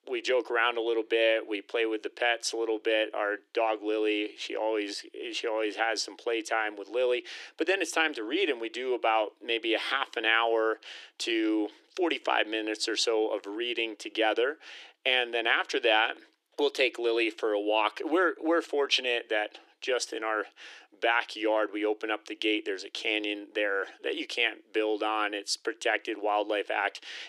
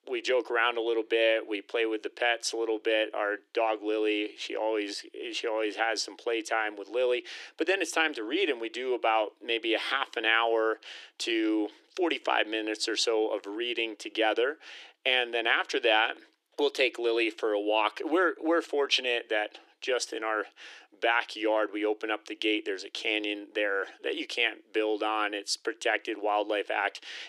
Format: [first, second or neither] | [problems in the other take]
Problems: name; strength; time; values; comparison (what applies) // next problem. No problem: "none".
neither | thin; very; fading below 300 Hz; the same in both